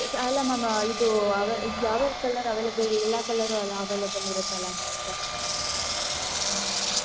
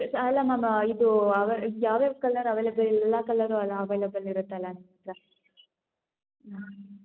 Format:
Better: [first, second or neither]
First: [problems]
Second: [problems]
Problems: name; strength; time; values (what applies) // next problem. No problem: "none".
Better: second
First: background sound (Engine); 2 dB below the speech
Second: none